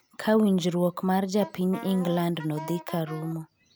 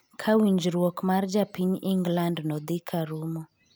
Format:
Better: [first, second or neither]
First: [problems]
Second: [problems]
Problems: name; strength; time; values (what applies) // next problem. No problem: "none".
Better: second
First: background sound (Wind instrument, woodwind instrument); 15 dB below the speech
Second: none